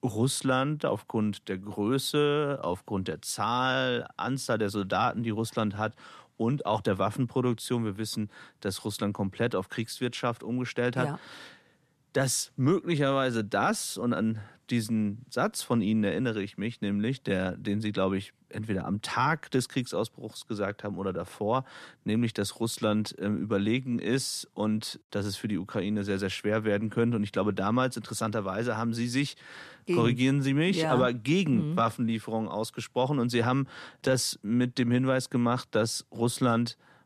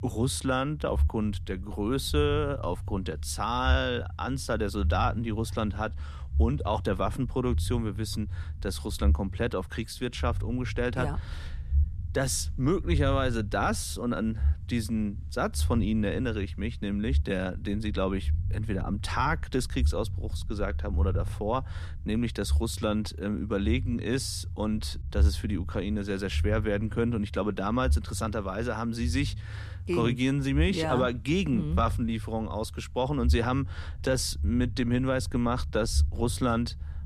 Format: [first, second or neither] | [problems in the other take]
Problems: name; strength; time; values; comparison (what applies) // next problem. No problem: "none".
first | low rumble; noticeable; throughout; 20 dB below the speech